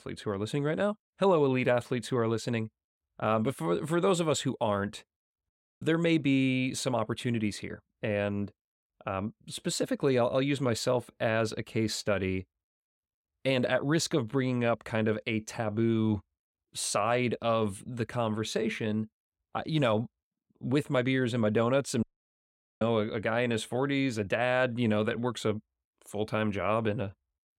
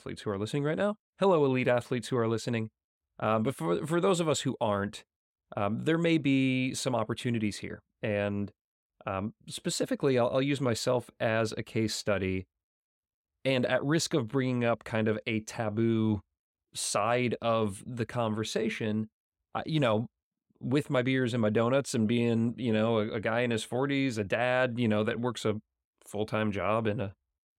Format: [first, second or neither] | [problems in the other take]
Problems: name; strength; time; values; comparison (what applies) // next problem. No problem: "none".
second | audio cutting out; at 5.5 s and at 22 s for 1 s